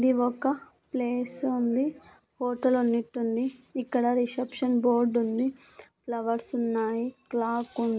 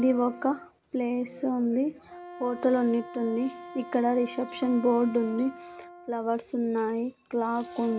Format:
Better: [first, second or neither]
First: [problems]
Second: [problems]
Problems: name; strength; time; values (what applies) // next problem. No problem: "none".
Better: first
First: none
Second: background sound (Wind instrument, woodwind instrument); 17 dB below the speech